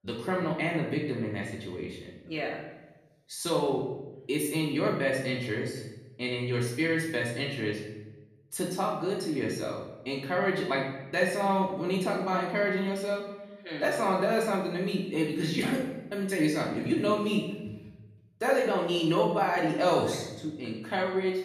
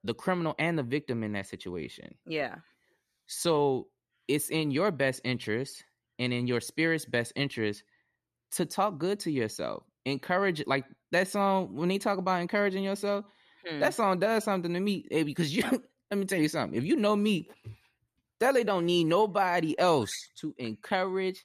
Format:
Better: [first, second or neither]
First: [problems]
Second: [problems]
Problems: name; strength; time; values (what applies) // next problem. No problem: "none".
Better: second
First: room echo; noticeable; dies away in 0.8 s // off-mic speech; far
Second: none